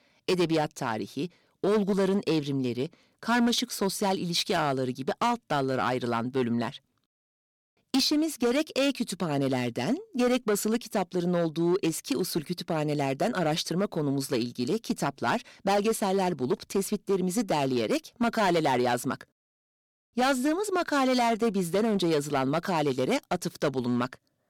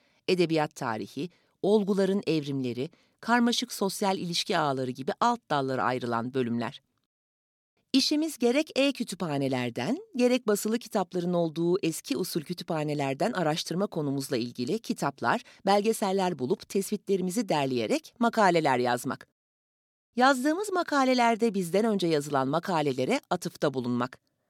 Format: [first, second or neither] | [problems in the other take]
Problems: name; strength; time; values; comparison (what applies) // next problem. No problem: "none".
second | distortion; slight; 7% of the sound clipped